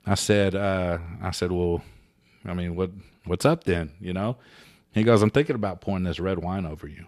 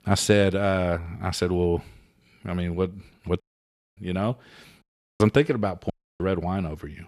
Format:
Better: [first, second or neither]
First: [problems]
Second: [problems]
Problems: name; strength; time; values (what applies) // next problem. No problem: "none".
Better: first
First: none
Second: audio cutting out; at 3.5 s for 0.5 s, at 5 s and at 6 s